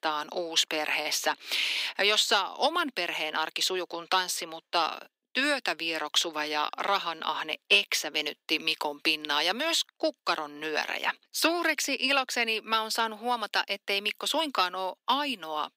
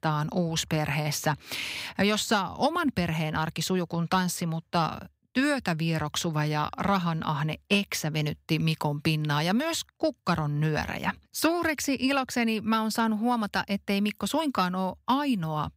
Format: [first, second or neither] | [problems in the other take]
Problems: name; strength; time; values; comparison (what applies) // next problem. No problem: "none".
second | thin; very; fading below 300 Hz